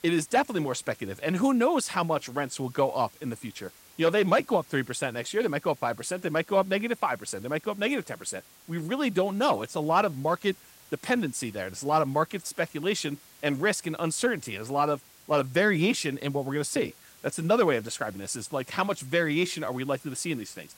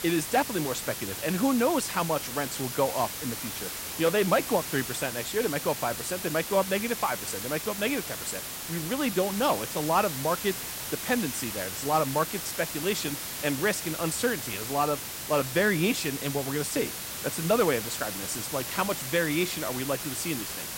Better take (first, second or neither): first